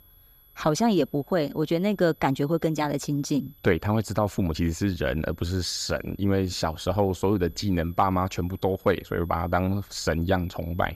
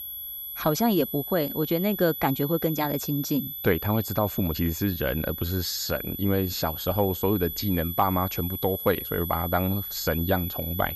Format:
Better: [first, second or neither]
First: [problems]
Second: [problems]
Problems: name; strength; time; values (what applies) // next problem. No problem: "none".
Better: first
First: high-pitched whine; faint; throughout; 12 kHz, 30 dB below the speech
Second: high-pitched whine; loud; throughout; 12 kHz, 6 dB below the speech